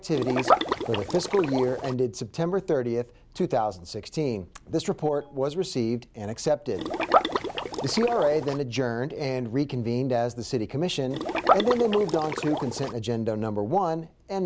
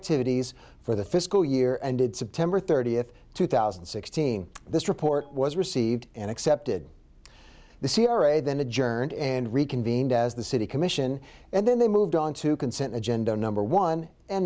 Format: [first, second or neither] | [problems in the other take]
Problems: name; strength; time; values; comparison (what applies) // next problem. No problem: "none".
second | background sound (Liquid); as loud as the speech